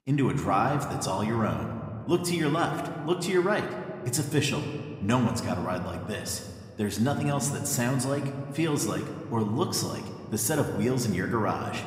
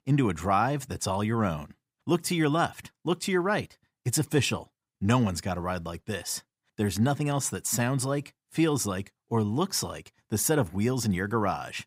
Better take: second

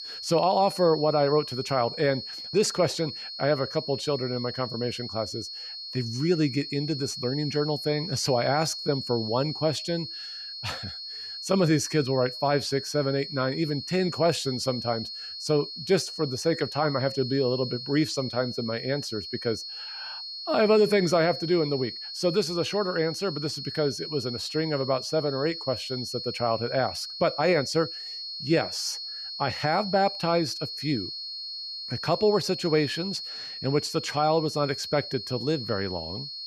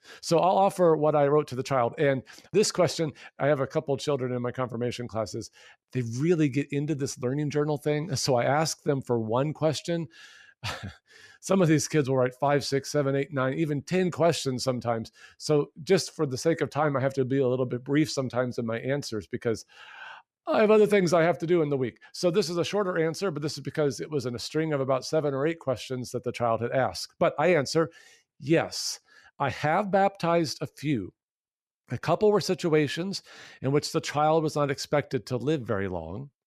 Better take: second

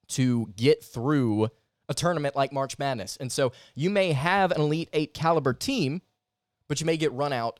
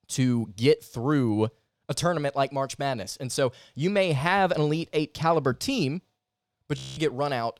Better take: first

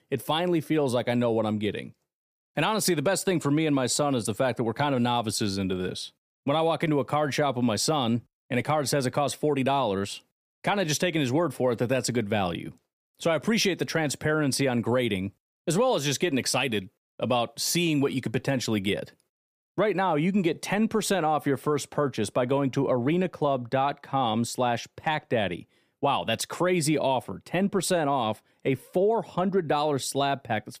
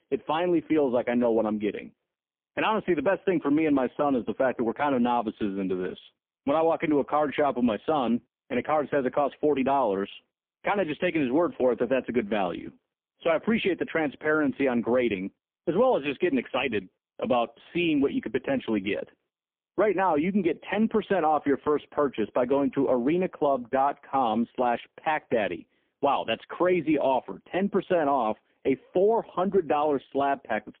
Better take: first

